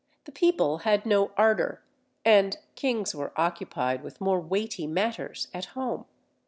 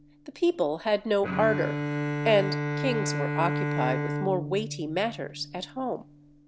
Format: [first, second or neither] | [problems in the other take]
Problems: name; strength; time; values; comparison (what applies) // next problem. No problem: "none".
first | background sound (Bowed string instrument); 3 dB below the speech